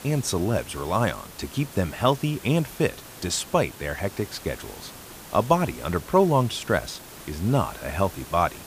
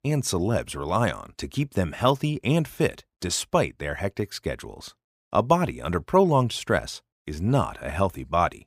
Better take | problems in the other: second | hiss; noticeable; throughout; 15 dB below the speech

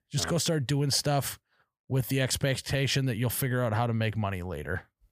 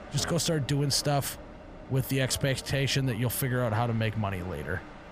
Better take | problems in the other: first | train or aircraft noise; noticeable; throughout; 15 dB below the speech

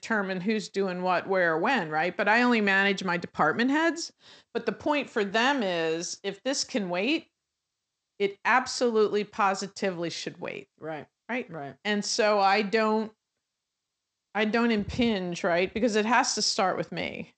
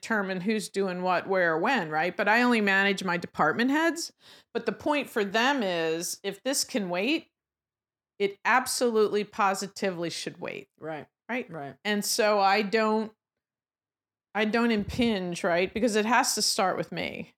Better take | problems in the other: second | garbled, watery; slightly; nothing above 8 kHz

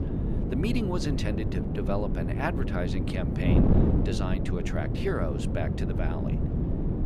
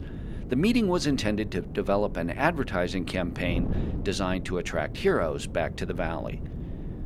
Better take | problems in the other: second | wind noise on the microphone; heavy; 1 dB below the speech; occasional gusts in the second

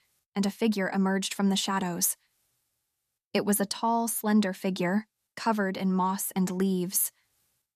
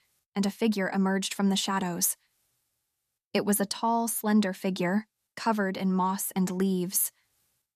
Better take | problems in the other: neither | none

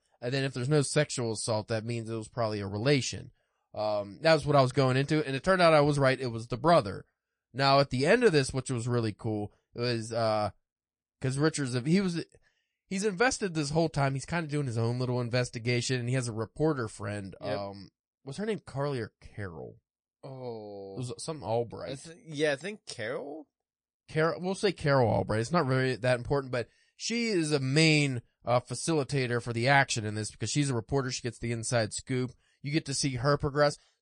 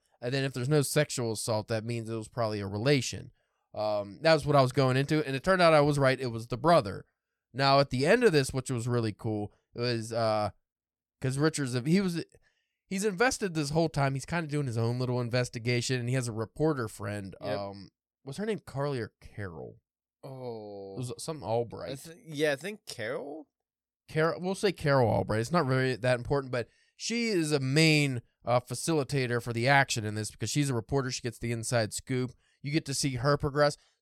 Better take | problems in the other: second | garbled, watery; slightly; nothing above 9 kHz

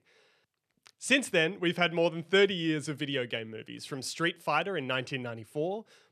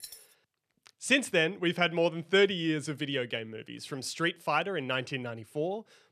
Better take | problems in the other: first | jangling keys; faint; at the start; peak 15 dB below the speech

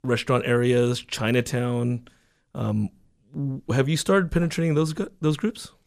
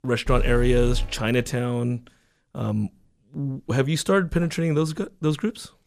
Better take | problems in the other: first | alarm; noticeable; at 0.5 s; peak 5 dB below the speech

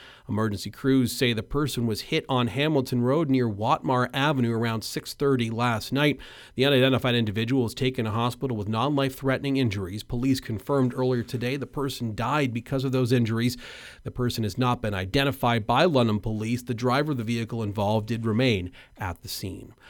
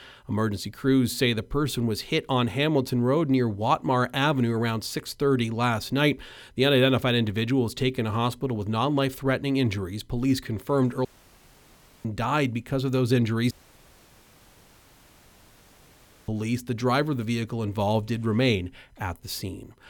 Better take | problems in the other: first | audio cutting out; at 11 s for 1 s and at 14 s for 3 s

